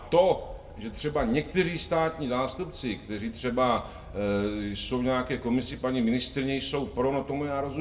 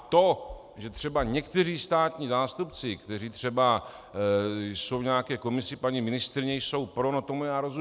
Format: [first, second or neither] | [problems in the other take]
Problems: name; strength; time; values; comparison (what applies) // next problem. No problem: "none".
second | background sound (Traffic noise, roadway noise); 17 dB below the speech // room echo; dies away in 0.7 s